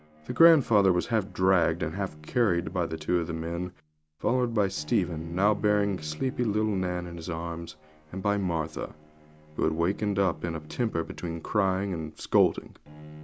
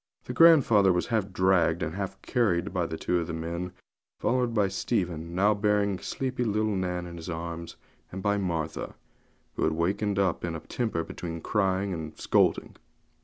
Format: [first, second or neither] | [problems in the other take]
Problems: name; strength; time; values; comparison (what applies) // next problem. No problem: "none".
second | background sound (Bowed string instrument); 19 dB below the speech